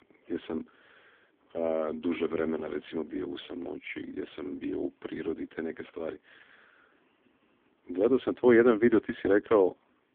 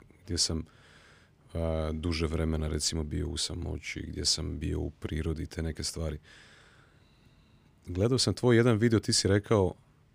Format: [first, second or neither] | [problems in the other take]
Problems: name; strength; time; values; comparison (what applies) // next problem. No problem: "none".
second | phone-call audio; poor line